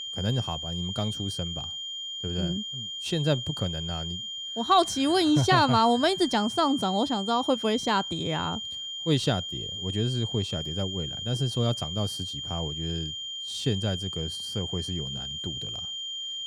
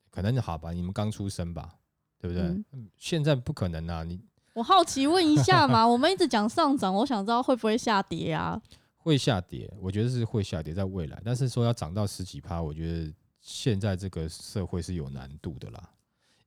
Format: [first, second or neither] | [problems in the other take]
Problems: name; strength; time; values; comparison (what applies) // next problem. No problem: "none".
second | high-pitched whine; loud; throughout; 3 kHz, 5 dB below the speech